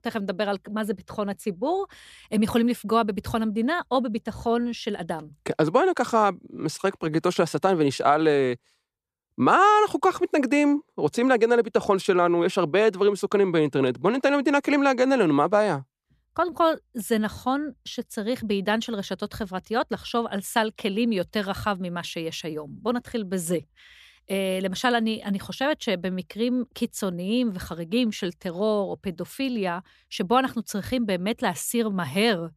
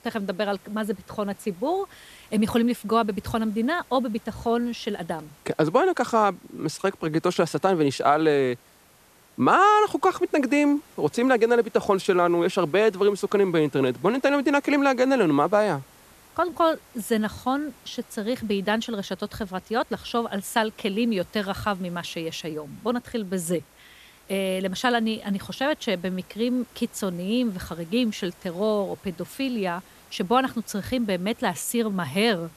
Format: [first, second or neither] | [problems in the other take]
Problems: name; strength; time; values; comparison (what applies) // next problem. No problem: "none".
first | hiss; faint; throughout; 25 dB below the speech